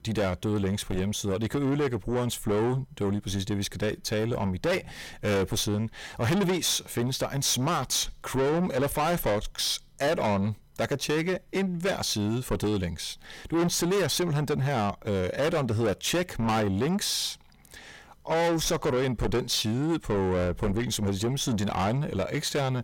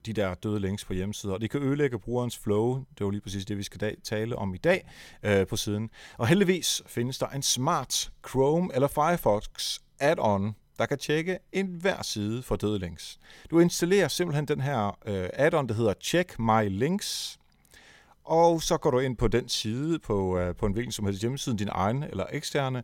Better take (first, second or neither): second